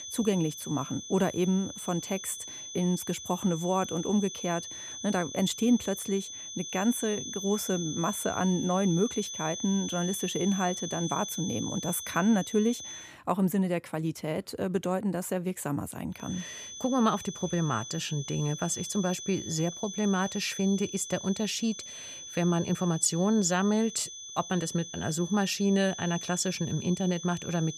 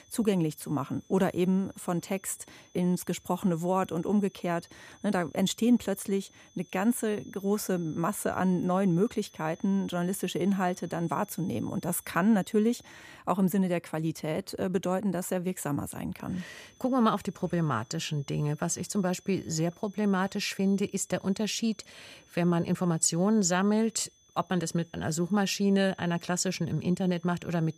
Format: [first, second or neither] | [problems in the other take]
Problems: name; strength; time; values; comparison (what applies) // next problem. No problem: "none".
second | high-pitched whine; loud; until 13 s and from 16 s on; 6 kHz, 8 dB below the speech; faint in the second